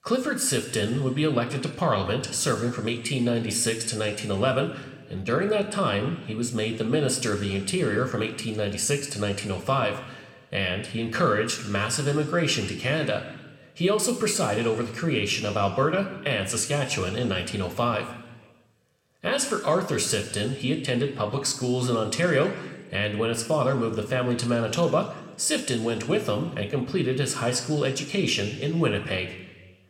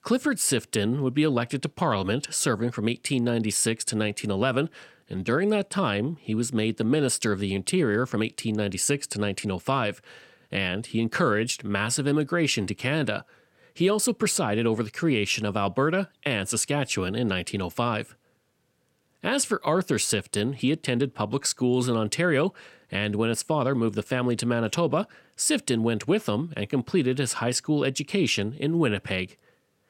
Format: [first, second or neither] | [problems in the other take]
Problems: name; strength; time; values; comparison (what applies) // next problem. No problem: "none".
second | room echo; slight; dies away in 1.1 s